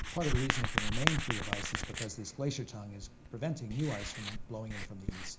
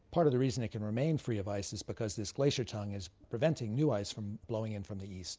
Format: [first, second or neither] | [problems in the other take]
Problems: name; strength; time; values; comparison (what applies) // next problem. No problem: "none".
second | background sound (Writing); 1 dB above the speech // room echo; dies away in 0.4 s